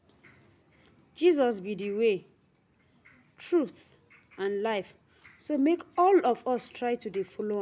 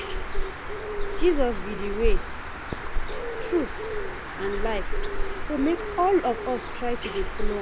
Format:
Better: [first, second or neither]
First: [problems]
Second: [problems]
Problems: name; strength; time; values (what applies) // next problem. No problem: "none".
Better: first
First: none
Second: background sound (Bird); 2 dB above the speech